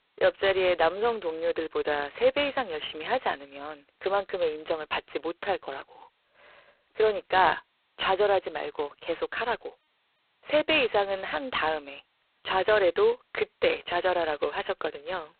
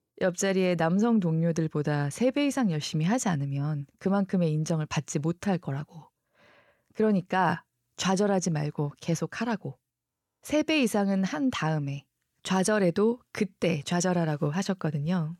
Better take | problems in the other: second | phone-call audio; poor line; nothing above 4 kHz

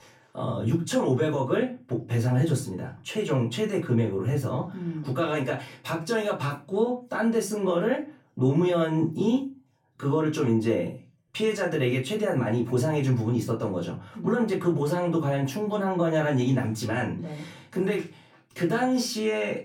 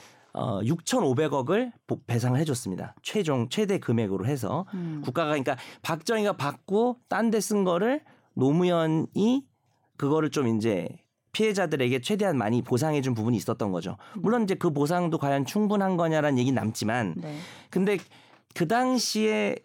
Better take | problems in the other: second | off-mic speech; far // room echo; very slight; dies away in 0.3 s

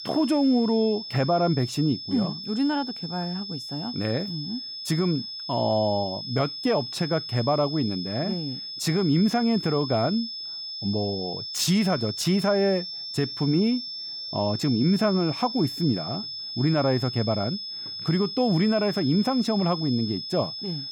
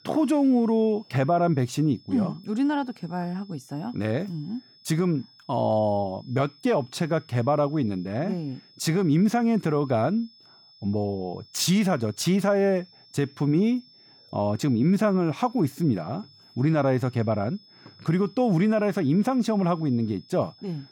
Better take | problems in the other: second | high-pitched whine; loud; throughout; 5 kHz, 7 dB below the speech; faint in the second

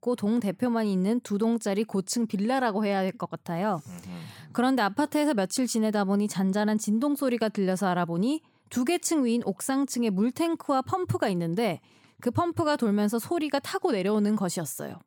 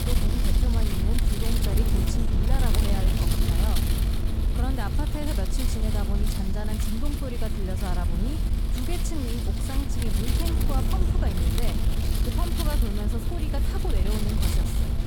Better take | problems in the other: first | wind noise on the microphone; heavy; 2 dB above the speech

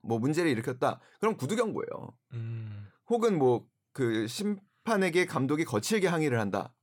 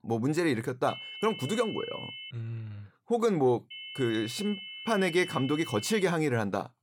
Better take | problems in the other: first | high-pitched whine; noticeable; from 1 to 2.5 s and from 3.5 to 6 s; 3 kHz, 10 dB below the speech

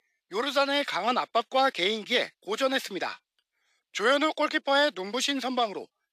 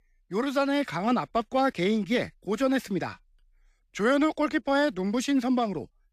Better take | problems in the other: second | thin; somewhat; fading below 450 Hz

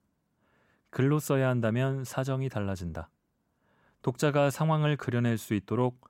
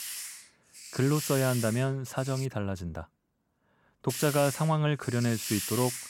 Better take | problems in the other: first | hiss; loud; until 2.5 s and from 4 s on; 7 dB below the speech

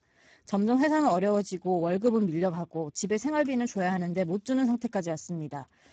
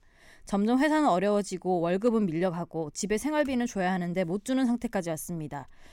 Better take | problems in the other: second | garbled, watery; badly; nothing above 7.5 kHz

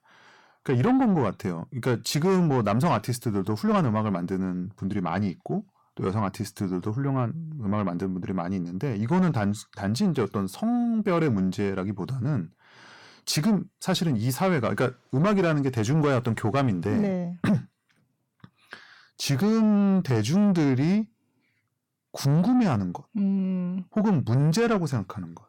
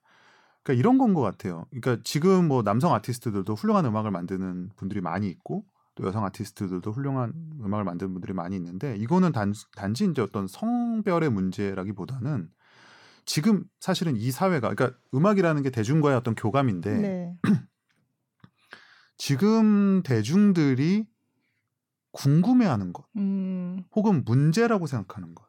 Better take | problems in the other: second | distortion; slight; 10 dB below the speech

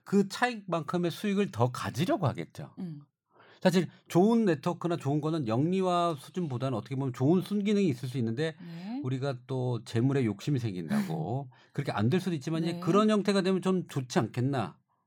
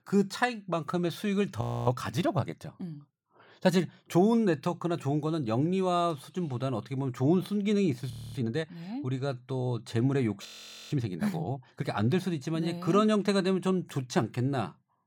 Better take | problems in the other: first | audio freezing; at 1.5 s, at 8 s and at 10 s

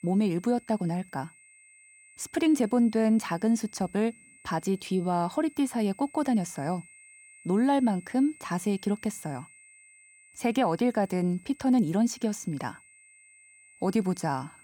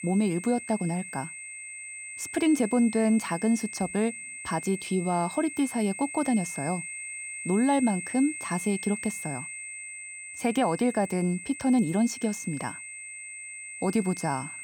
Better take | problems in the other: first | high-pitched whine; loud; throughout; 2 kHz, 9 dB below the speech; faint in the first

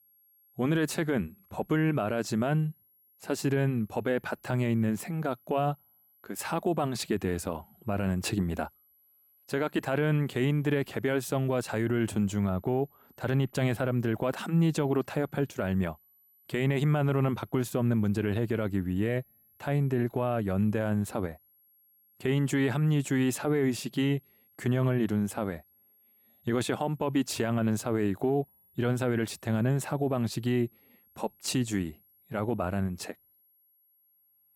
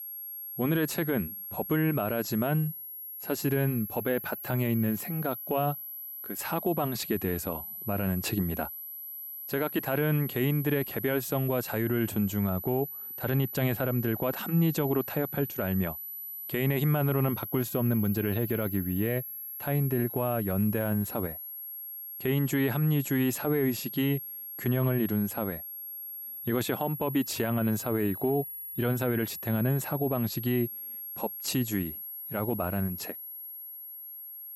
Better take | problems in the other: first | high-pitched whine; loud; throughout; 11.5 kHz, 7 dB below the speech; faint in the first

